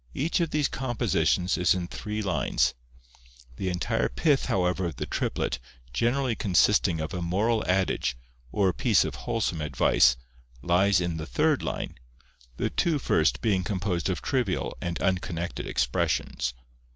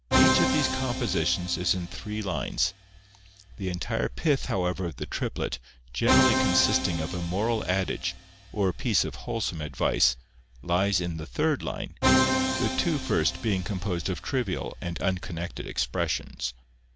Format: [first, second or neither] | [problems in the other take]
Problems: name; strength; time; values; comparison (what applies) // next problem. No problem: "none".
first | background sound (Musical instrument); 3 dB below the speech